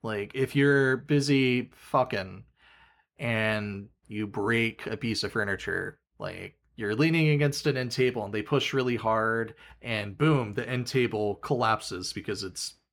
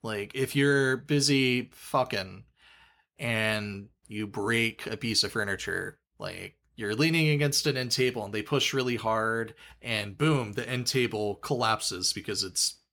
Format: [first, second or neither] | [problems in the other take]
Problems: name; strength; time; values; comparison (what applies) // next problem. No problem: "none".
second | muffled; slightly; fading above 3 kHz